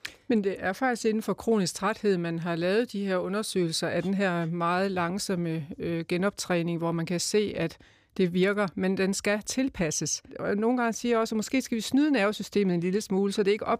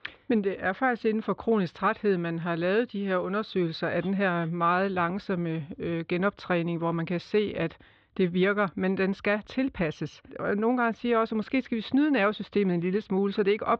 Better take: first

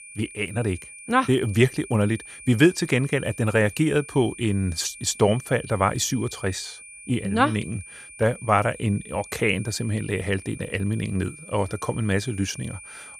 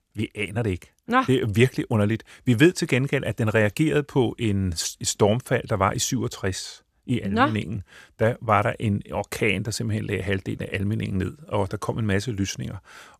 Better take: second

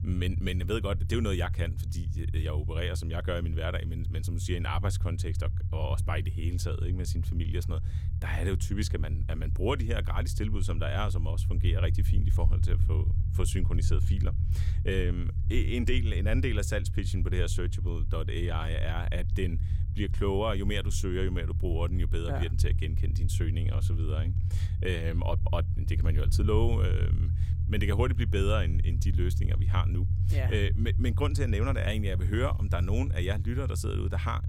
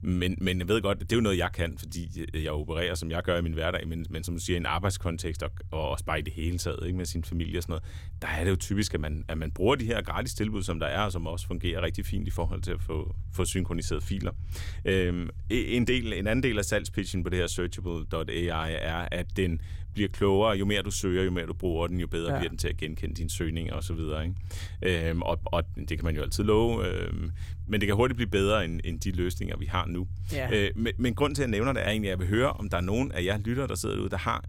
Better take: second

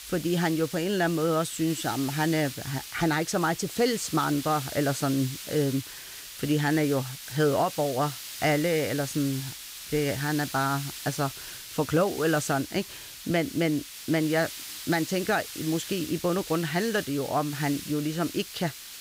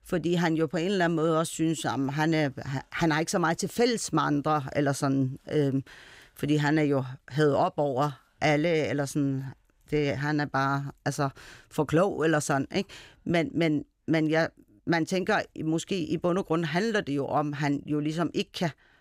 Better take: second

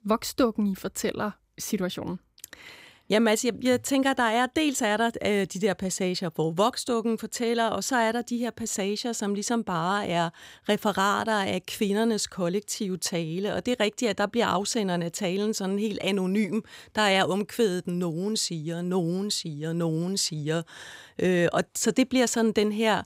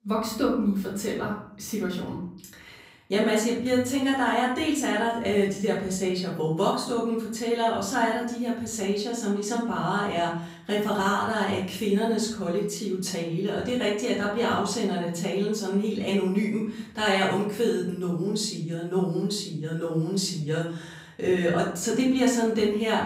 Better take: first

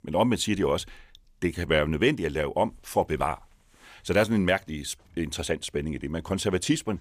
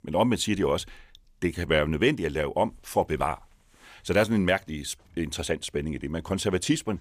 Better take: neither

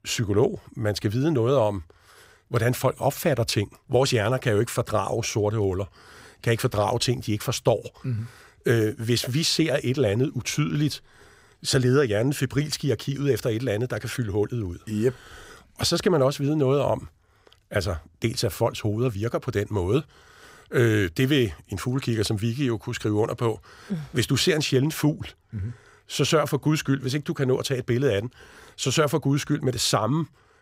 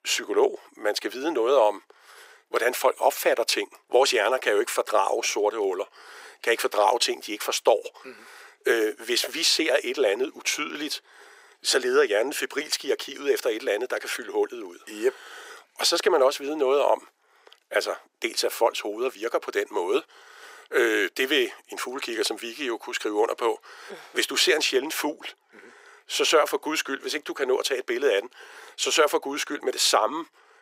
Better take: first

